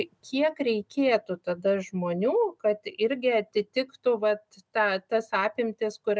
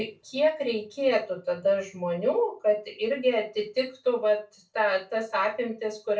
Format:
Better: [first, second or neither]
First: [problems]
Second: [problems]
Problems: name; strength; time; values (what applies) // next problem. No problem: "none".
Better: first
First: none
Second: room echo; dies away in 0.2 s